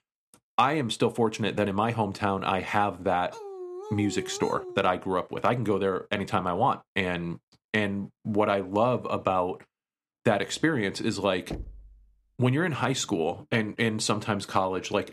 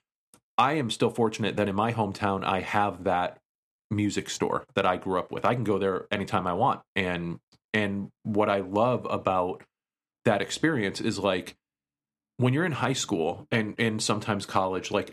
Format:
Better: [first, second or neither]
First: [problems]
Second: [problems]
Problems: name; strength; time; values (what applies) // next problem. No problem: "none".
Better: second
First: dog barking; faint; from 3.5 to 5 s; peak 10 dB below the speech // door banging; faint; at 12 s; peak 10 dB below the speech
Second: none